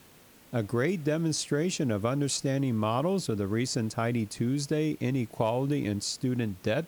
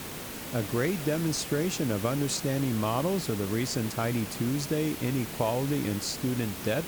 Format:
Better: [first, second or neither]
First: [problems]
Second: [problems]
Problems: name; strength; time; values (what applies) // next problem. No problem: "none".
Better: first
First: hiss; faint; throughout; 25 dB below the speech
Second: hiss; loud; throughout; 7 dB below the speech